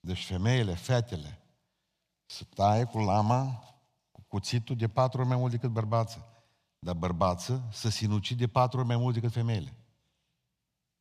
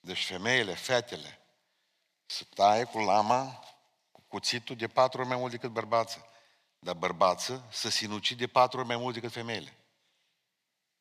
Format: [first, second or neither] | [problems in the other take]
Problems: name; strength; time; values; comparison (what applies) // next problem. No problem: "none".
first | thin; very; fading below 350 Hz